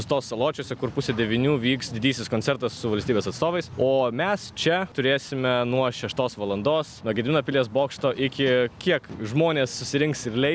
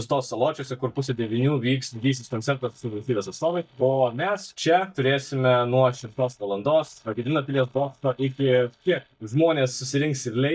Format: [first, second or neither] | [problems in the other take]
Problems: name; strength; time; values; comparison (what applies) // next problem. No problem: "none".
first | noise reduction (neural mask model DeepFilterNet 3)